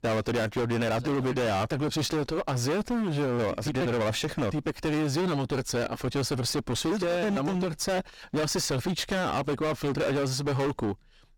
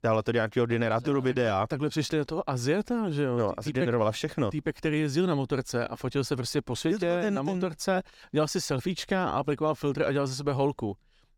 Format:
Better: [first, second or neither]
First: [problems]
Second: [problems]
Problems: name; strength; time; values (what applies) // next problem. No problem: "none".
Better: second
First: distortion; heavy; 29% of the sound clipped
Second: none